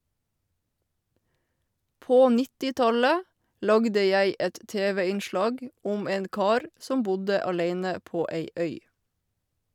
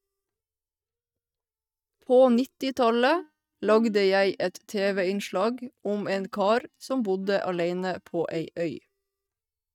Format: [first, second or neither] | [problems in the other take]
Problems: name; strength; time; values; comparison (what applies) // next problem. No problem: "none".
first | noise reduction (neural mask model DeepFilterNet 3)